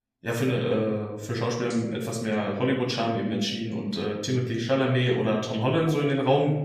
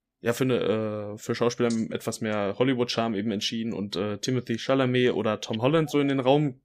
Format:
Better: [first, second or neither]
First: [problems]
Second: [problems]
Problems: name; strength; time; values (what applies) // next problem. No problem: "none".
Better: second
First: off-mic speech; far // room echo; noticeable; dies away in 0.7 s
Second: none